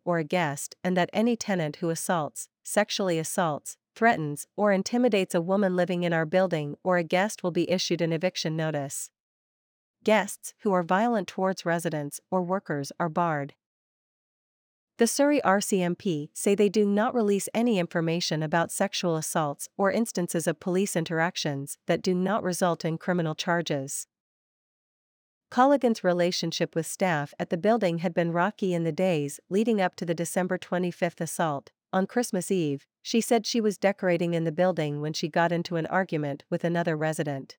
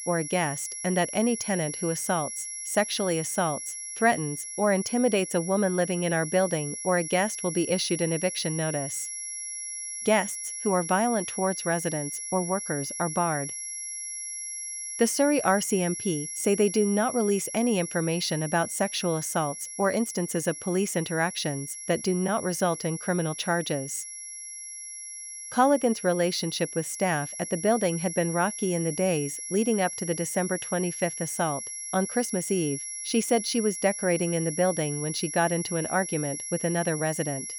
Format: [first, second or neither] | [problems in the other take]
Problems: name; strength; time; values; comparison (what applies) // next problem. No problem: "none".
first | high-pitched whine; loud; throughout; 11 kHz, 6 dB below the speech